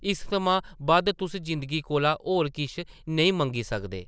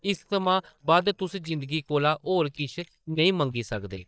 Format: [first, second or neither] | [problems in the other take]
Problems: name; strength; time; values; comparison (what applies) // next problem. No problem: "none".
first | noise reduction (neural mask model DeepFilterNet 3)